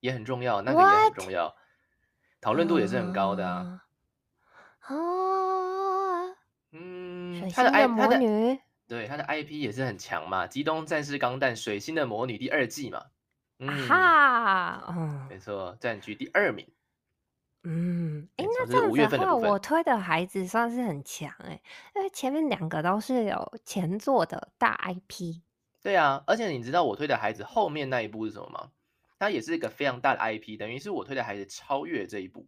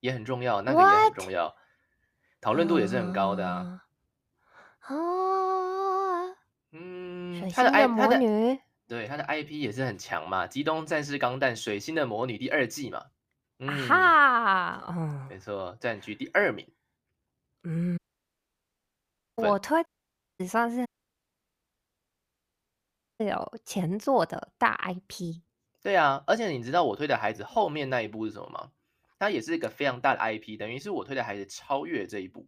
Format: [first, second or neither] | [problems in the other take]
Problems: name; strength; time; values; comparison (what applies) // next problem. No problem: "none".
first | audio cutting out; at 18 s for 1.5 s, at 20 s for 0.5 s and at 21 s for 2.5 s